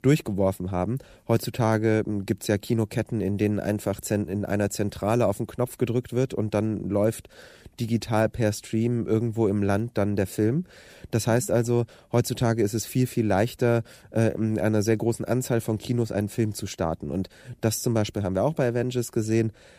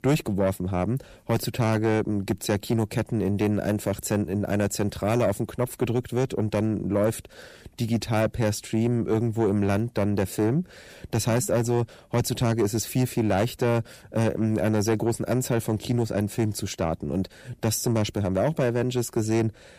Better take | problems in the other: first | distortion; slight; 10 dB below the speech

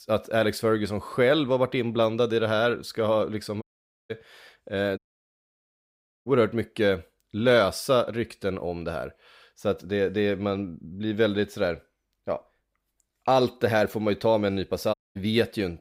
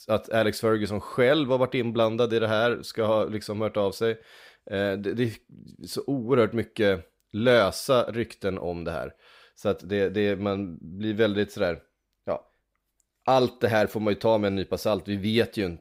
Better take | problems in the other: second | audio cutting out; at 3.5 s, at 5 s for 1.5 s and at 15 s

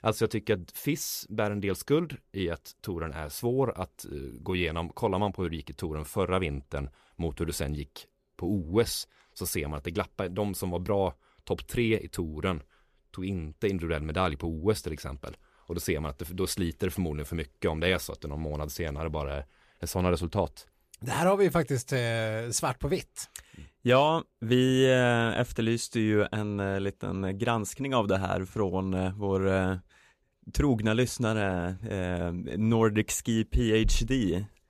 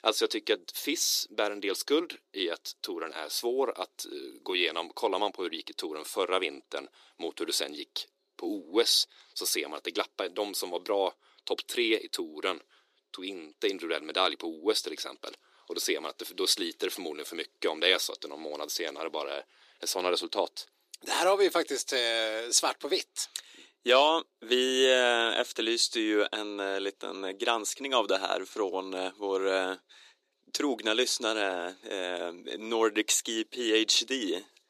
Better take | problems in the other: first | thin; somewhat; fading below 300 Hz

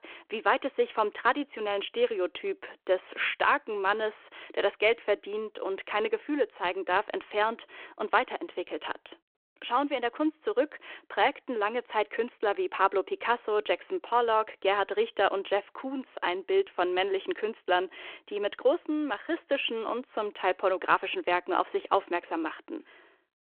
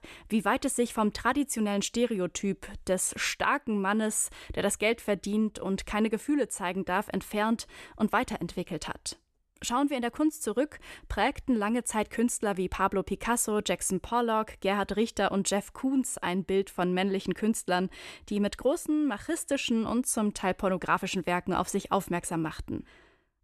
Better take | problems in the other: second | phone-call audio

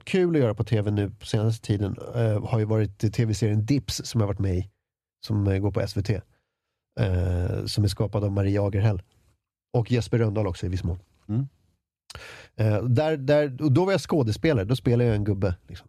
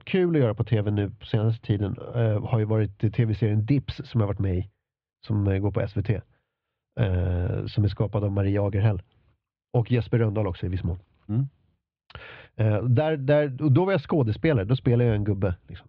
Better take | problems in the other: first | muffled; slightly; fading above 3.5 kHz

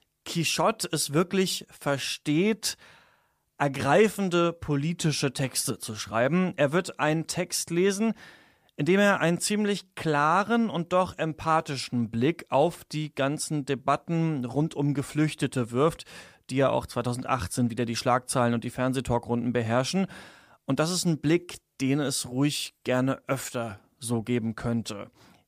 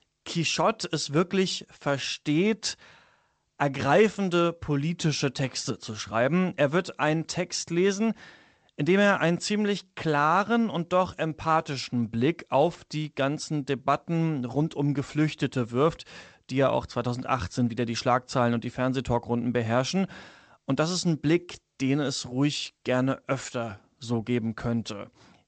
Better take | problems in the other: first | garbled, watery; slightly; nothing above 8 kHz

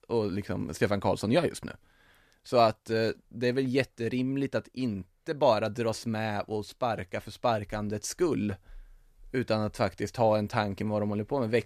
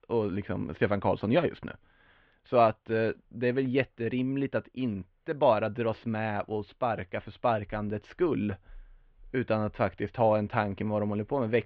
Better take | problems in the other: first | muffled; very; fading above 3 kHz

